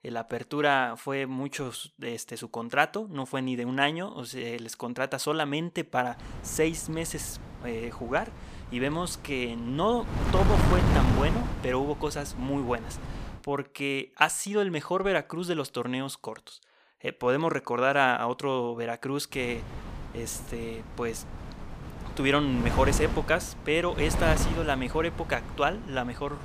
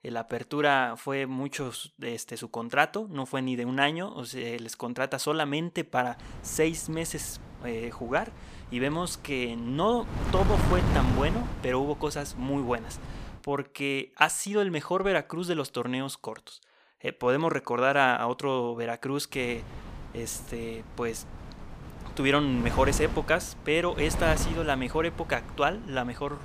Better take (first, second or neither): second